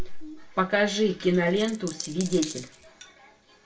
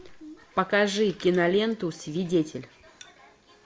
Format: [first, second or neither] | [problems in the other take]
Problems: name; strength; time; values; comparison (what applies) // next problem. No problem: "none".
second | background sound (Coin (dropping)); 13 dB below the speech // room echo; dies away in 0.2 s